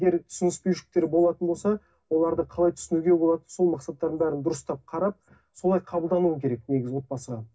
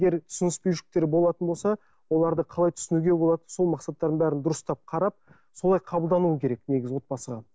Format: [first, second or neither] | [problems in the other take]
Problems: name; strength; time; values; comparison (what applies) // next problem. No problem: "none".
second | room echo; dies away in 0.4 s